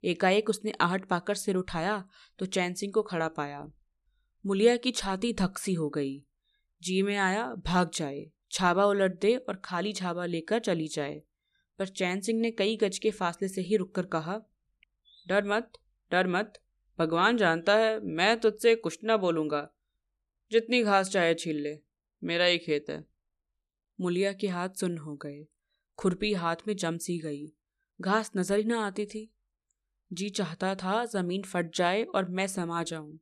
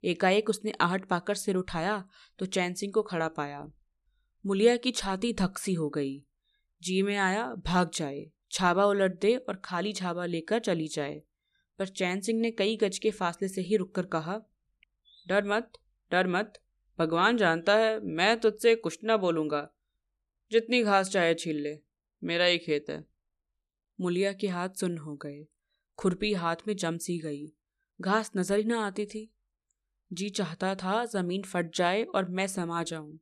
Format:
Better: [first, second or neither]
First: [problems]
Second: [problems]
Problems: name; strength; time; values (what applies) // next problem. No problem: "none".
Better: neither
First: none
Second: none